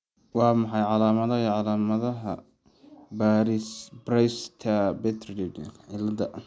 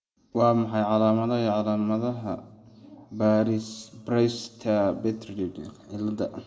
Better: first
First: none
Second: room echo; dies away in 2.2 s

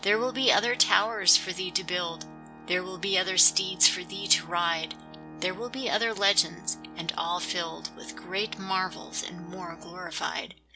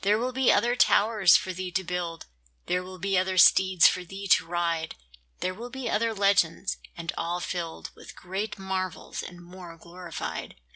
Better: second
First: background sound (Organ); 17 dB below the speech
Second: none

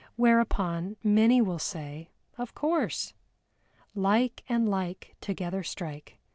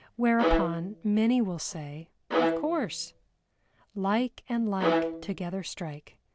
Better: first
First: none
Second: background sound (Bowed string instrument); 2 dB below the speech

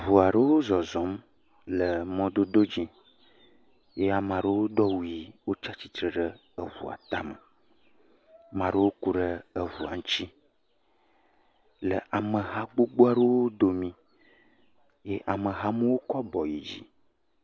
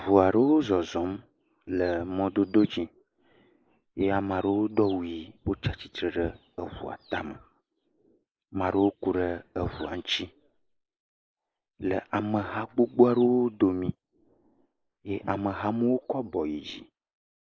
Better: first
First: none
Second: noise reduction (neural mask model Resemble Enhance denoiser)

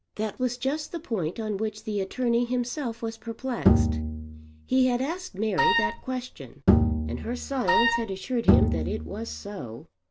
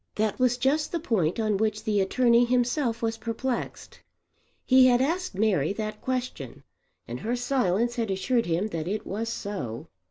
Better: second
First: background sound (Wind instrument, woodwind instrument + Bowed string instrument); 4 dB above the speech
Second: none

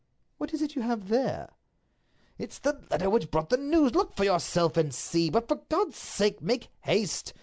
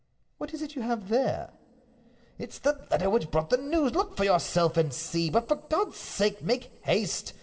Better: first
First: none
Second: room echo; dies away in 1 s

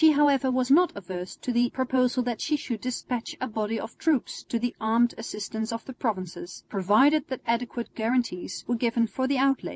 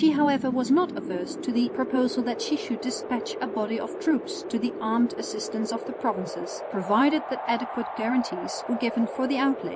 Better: first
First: none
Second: background sound (Wind); 8 dB below the speech

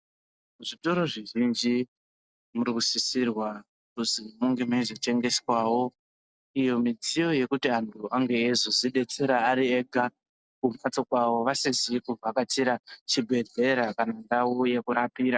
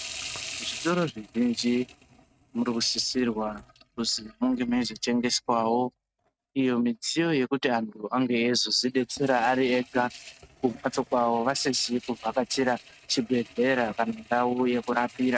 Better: first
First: none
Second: noise reduction (neural mask model RNNoise)

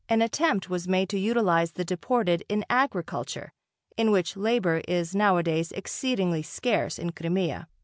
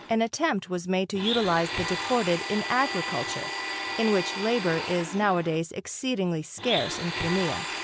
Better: first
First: none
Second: background sound (Domestic sounds, home sounds); 6 dB below the speech

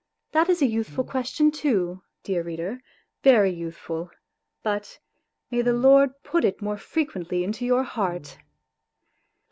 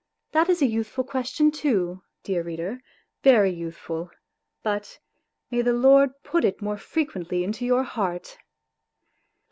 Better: second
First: background sound (Brass instrument); 20 dB below the speech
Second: none

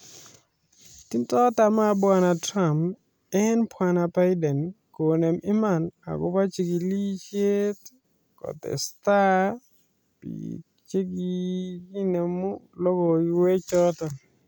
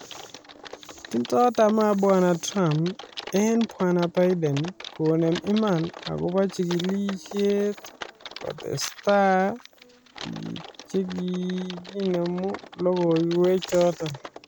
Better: first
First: none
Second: background sound (Typing); 16 dB below the speech

